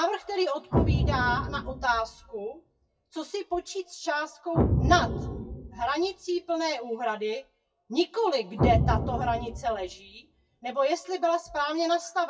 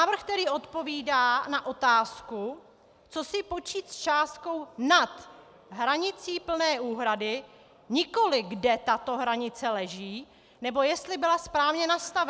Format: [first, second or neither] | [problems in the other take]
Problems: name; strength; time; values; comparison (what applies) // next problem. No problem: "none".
second | noise reduction (classical method WPE with log-MMSE)